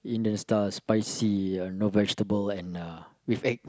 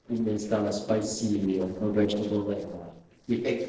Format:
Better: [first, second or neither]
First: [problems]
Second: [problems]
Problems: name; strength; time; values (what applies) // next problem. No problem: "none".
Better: first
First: none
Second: noise reduction (neural separator model SepFormer DNS4)